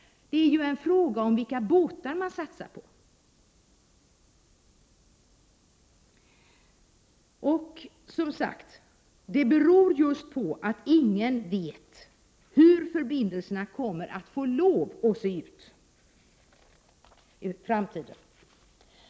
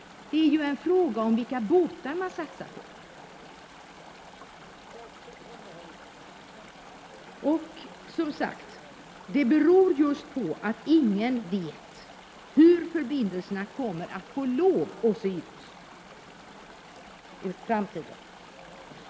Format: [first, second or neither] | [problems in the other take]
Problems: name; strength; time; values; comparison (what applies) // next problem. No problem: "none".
first | background sound (Chatter / Stream); 19 dB below the speech